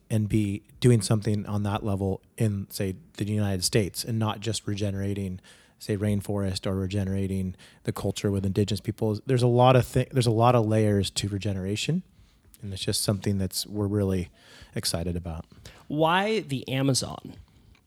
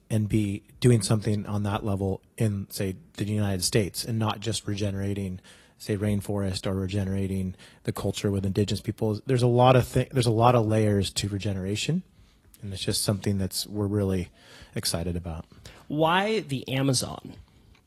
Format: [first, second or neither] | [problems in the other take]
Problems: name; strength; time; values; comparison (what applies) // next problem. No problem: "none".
first | garbled, watery; slightly